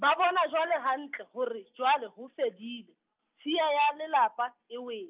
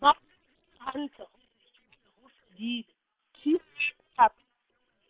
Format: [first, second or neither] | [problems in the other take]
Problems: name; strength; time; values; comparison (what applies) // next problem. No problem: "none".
first | noise reduction (neural separator model SepFormer WHAM!)